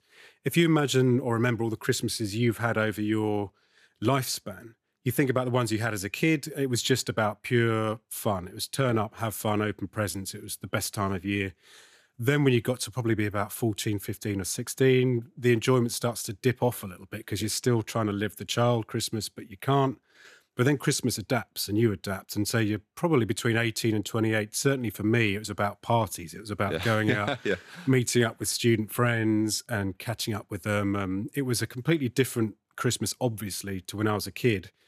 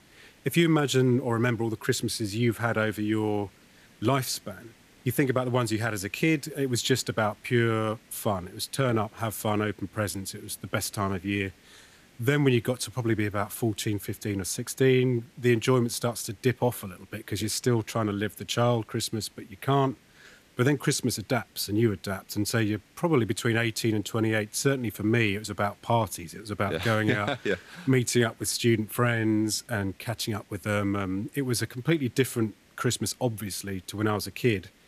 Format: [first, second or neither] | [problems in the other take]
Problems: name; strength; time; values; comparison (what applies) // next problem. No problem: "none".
first | hiss; faint; throughout; 30 dB below the speech